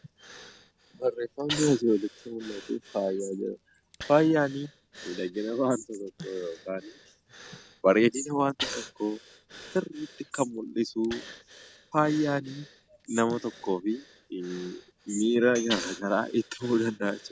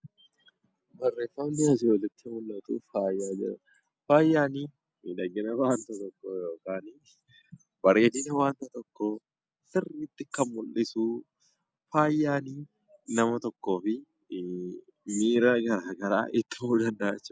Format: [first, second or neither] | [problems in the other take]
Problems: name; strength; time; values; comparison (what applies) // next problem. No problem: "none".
second | background sound (Tambourine + Breathing); 15 dB below the speech